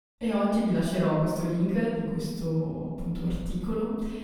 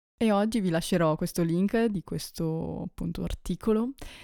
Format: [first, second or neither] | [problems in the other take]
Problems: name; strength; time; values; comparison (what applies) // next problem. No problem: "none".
second | off-mic speech; far // room echo; strong; dies away in 1.3 s